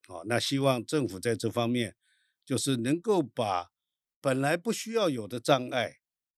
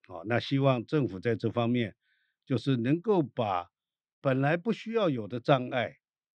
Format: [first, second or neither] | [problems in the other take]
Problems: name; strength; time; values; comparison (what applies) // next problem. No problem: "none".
first | muffled; slightly; fading above 3 kHz